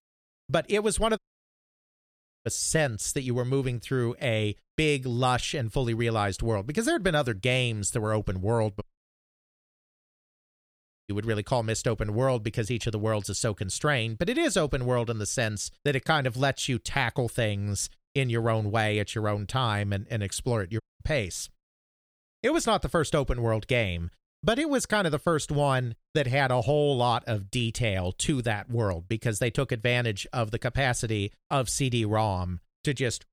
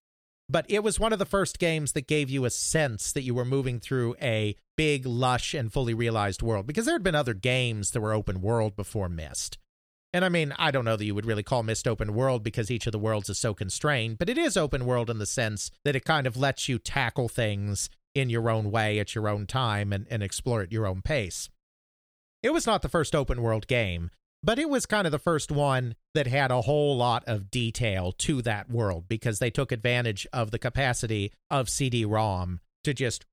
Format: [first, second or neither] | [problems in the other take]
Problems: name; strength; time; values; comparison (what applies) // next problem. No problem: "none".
second | audio cutting out; at 1 s for 1.5 s, at 9 s for 2.5 s and at 21 s